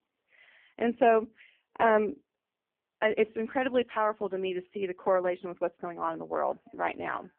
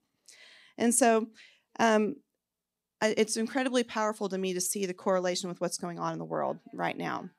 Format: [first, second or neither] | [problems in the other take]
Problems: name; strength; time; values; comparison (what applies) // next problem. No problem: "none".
second | phone-call audio; poor line